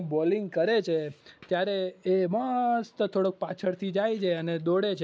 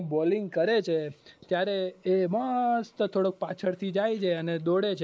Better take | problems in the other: first | noise reduction (neural mask model Resemble Enhance denoiser)

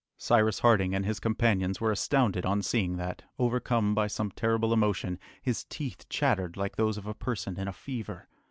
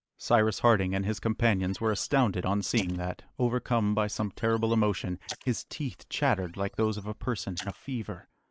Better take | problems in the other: first | noise reduction (neural mask model Resemble Enhance denoiser)

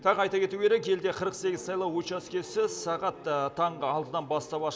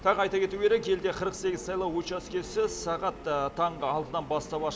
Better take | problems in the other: first | background sound (Subway, metro, underground); 17 dB below the speech

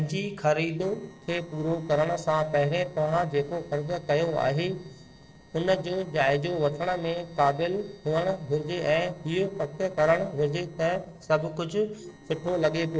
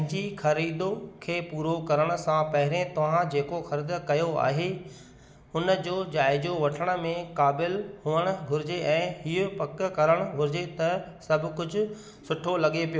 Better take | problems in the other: second | noise reduction (neural separator model SepFormer DNS4)

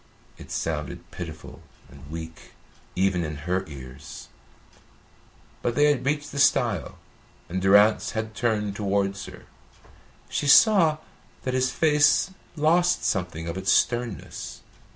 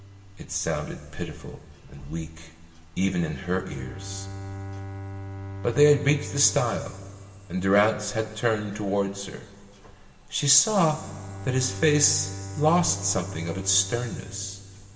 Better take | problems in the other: first | background sound (Bowed string instrument); 13 dB below the speech // room echo; dies away in 1.9 s

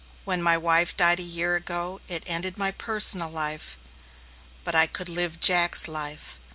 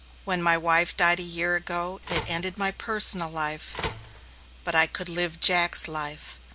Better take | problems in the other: first | background sound (Telephone); 10 dB below the speech

